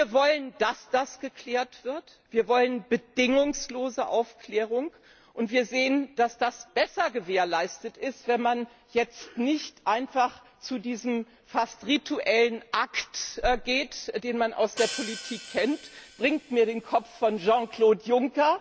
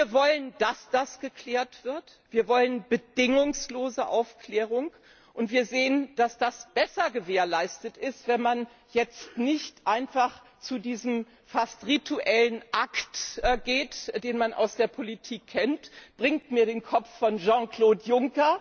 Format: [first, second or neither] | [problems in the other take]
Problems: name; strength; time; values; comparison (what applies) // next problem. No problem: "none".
second | background sound (Hi-hat); 14 dB below the speech